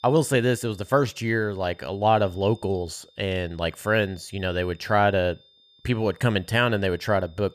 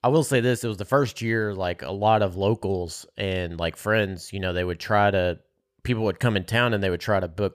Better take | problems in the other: second | high-pitched whine; faint; throughout; 3.5 kHz, 30 dB below the speech

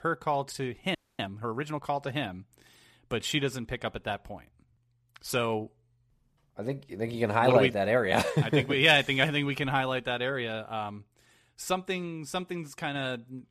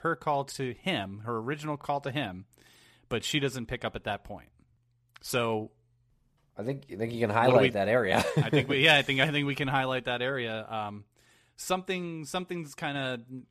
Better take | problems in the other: second | audio freezing; at 1 s

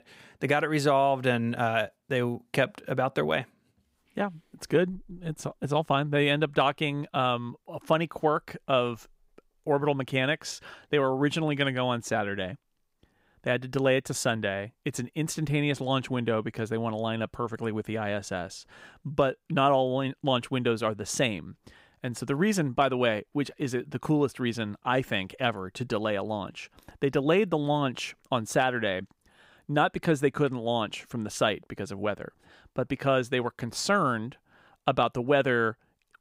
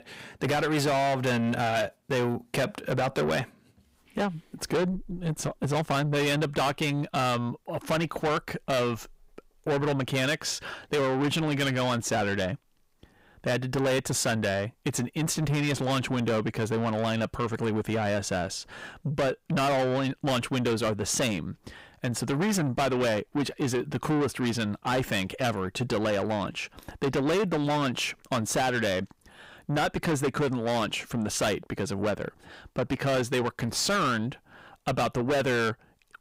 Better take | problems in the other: first | distortion; heavy; 6 dB below the speech

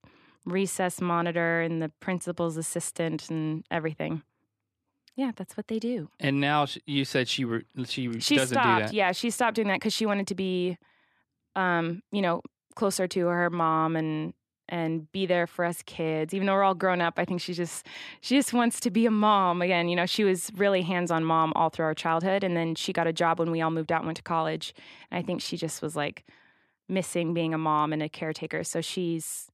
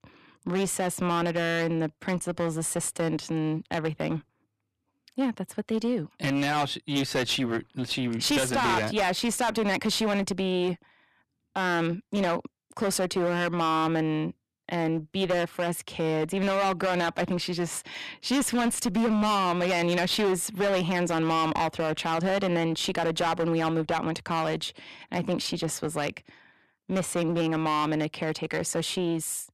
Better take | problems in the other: first | distortion; heavy; 15% of the sound clipped

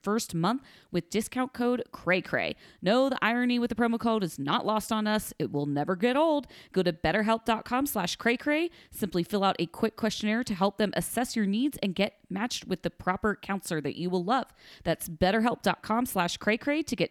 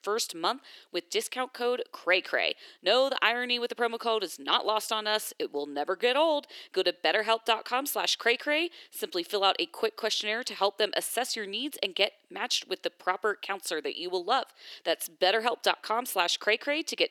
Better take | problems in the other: first | thin; very; fading below 400 Hz

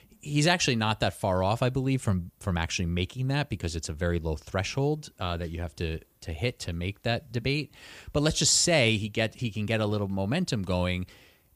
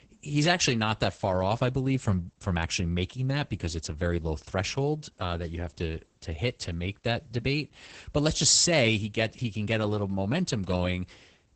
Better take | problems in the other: first | garbled, watery; badly; nothing above 8 kHz

